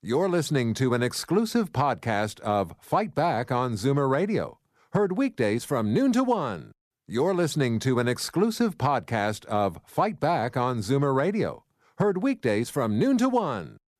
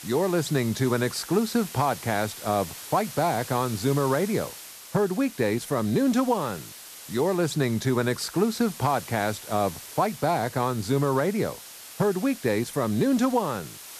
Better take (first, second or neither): first